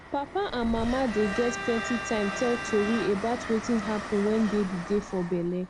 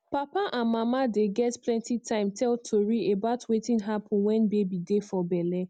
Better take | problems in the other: second | background sound (Bowed string instrument + Train); 8 dB below the speech

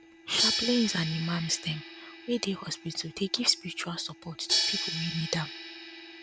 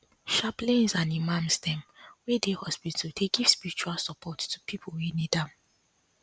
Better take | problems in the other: second | background sound (Crash cymbal); 3 dB below the speech

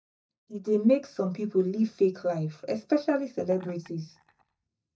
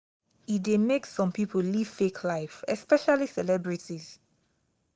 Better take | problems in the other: second | noise reduction (neural mask model DeepFilterNet 3)

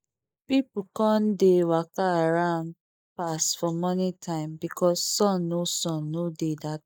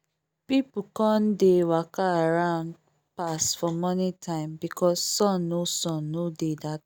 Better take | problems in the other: second | noise reduction (neural mask model Resemble Enhance denoiser)

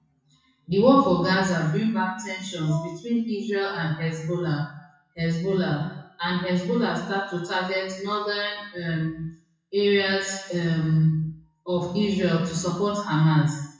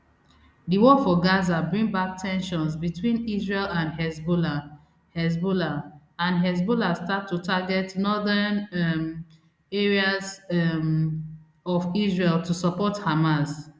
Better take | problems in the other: second | noise reduction (classical method WPE with log-MMSE)

